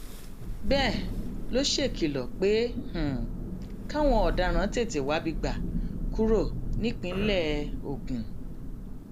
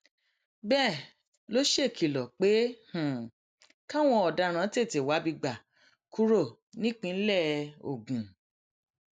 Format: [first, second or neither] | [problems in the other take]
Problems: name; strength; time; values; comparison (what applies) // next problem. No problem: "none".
second | background sound (Thunder); 1 dB below the speech